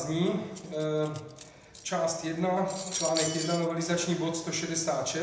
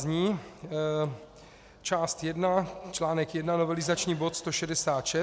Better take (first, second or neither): second